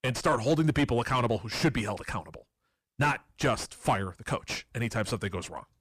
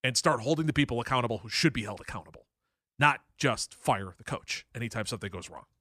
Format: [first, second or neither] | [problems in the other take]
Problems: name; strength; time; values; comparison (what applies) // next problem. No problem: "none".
second | distortion; heavy; 5 dB below the speech